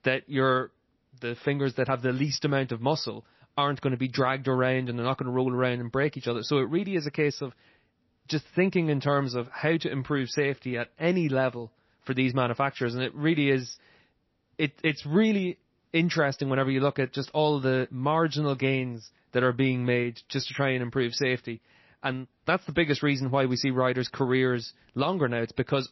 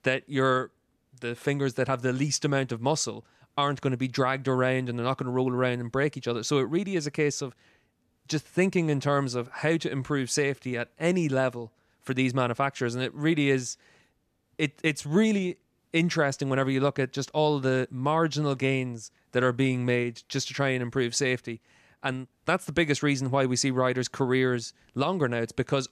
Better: second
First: garbled, watery; slightly; nothing above 5.5 kHz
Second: none

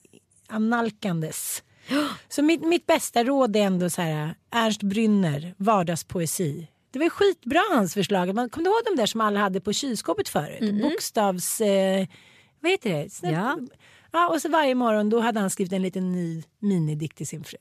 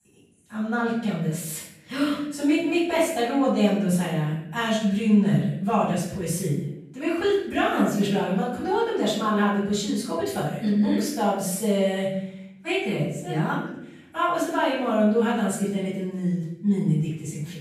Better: first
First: none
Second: off-mic speech; far // room echo; noticeable; dies away in 0.7 s

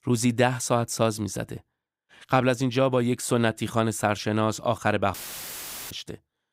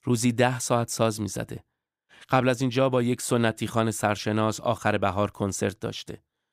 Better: second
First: audio cutting out; filled with static; at 5 s for 1 s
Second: none

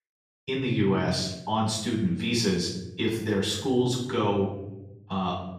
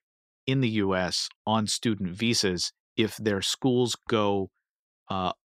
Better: second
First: off-mic speech; far // room echo; noticeable; dies away in 1 s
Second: none

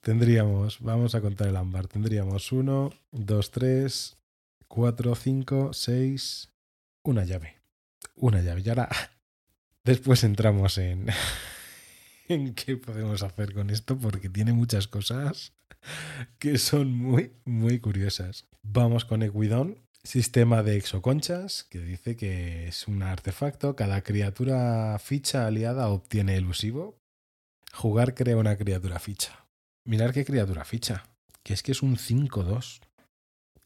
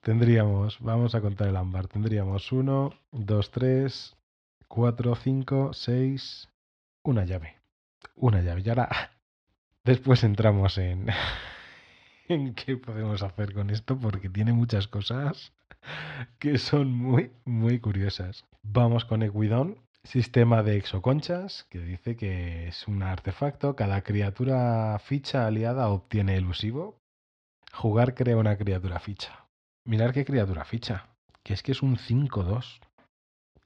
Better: first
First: none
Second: muffled; slightly; fading above 4 kHz

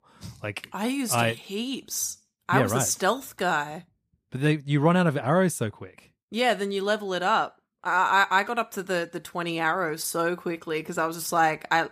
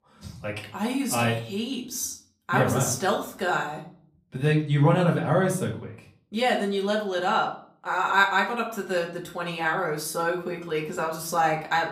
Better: first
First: none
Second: room echo; slight; dies away in 0.4 s // off-mic speech; far

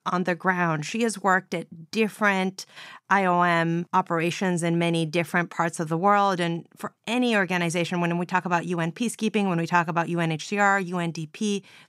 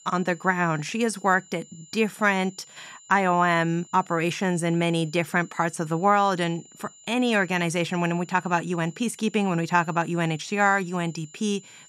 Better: first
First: none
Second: high-pitched whine; faint; throughout; 7 kHz, 25 dB below the speech

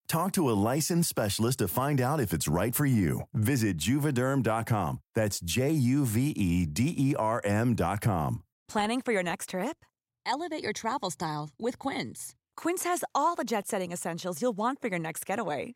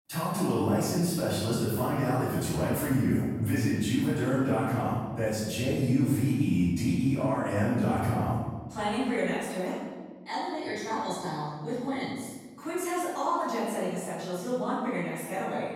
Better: first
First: none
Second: room echo; strong; dies away in 1.2 s // off-mic speech; far

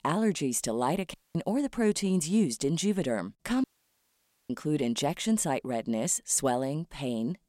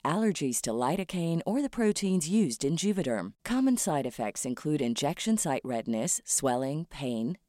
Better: second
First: audio cutting out; at 1 s and at 3.5 s for 1 s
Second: none

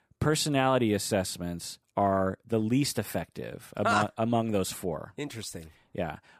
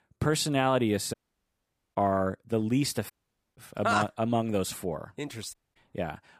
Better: first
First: none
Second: audio cutting out; at 1 s for 1 s, at 3 s and at 5.5 s

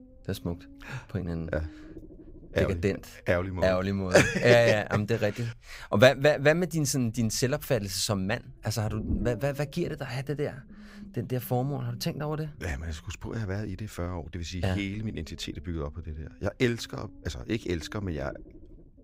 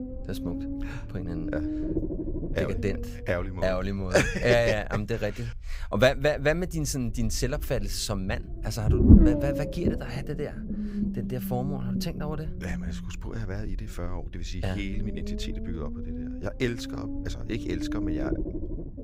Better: first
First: low rumble; faint; throughout; 25 dB below the speech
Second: low rumble; loud; throughout; 5 dB below the speech

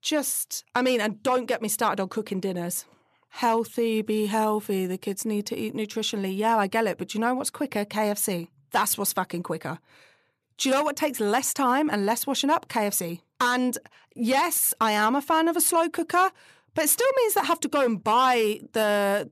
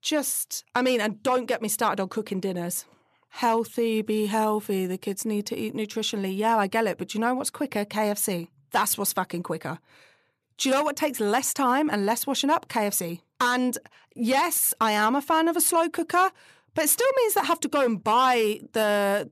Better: neither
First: none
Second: none

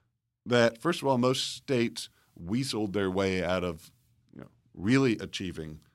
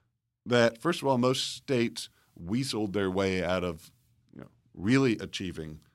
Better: neither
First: none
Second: none

